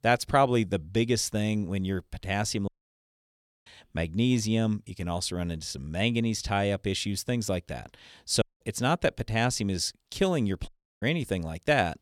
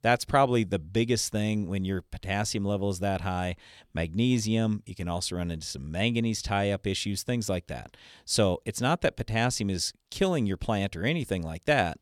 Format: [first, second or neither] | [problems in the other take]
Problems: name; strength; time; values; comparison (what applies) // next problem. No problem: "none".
second | audio cutting out; at 2.5 s for 1 s, at 8.5 s and at 11 s